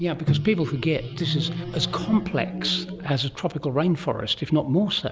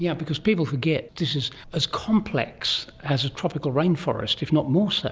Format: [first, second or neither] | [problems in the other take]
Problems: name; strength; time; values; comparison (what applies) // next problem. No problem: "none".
second | background sound (Microwave oven); 4 dB below the speech